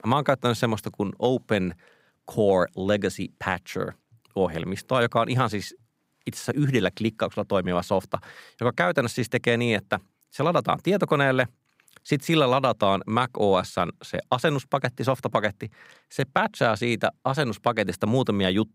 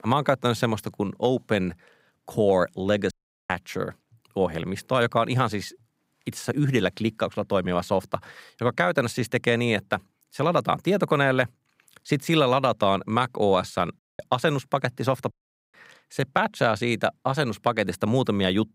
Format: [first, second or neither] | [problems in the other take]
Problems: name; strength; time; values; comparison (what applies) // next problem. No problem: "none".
first | audio cutting out; at 3 s, at 14 s and at 15 s